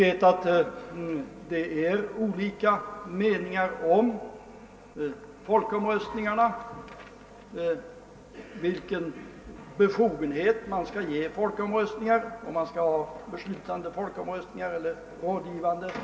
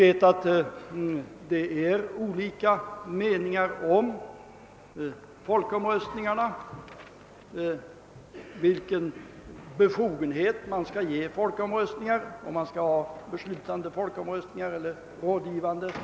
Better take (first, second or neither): second